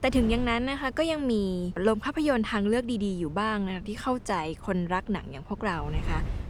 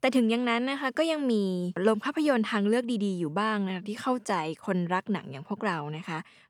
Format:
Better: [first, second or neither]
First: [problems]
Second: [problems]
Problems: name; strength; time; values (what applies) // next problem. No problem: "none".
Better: second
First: wind noise on the microphone; occasional gusts; 20 dB below the speech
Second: none